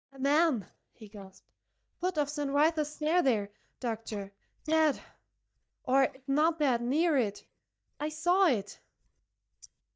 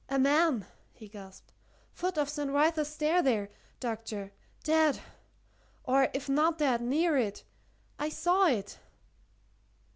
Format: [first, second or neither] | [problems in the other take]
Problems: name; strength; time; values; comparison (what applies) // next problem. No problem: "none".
second | noise reduction (neural mask model DeepFilterNet 3)